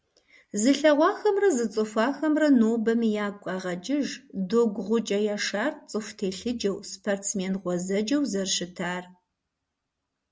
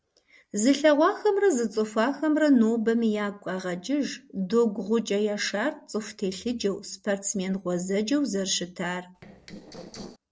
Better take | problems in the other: first | noise reduction (neural separator model SepFormer DNS4)

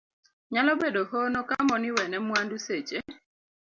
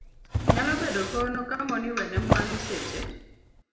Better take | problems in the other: first | background sound (Drawer open or close); 1 dB above the speech // room echo; dies away in 0.8 s

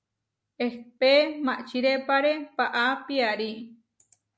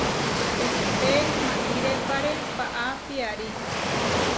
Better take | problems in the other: first | background sound (Waves, surf); 4 dB above the speech

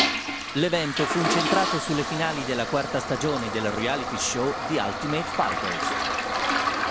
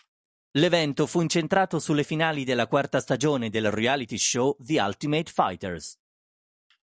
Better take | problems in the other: second | background sound (Toilet flush); as loud as the speech

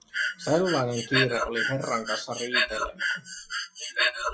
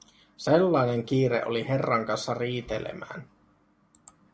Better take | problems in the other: second | noise reduction (classical method log-MMSE)

